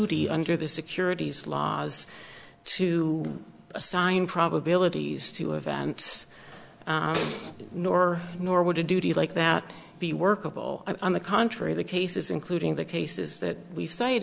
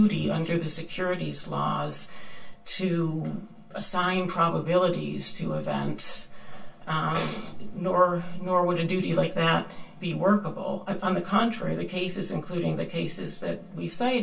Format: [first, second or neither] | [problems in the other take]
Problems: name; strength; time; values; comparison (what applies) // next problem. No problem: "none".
first | room echo; dies away in 0.2 s